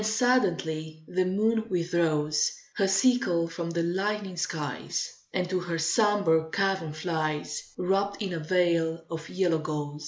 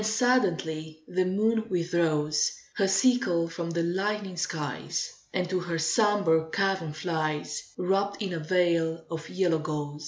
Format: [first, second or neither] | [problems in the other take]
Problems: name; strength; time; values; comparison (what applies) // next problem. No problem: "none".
second | noise reduction (neural mask model Resemble Enhance denoiser)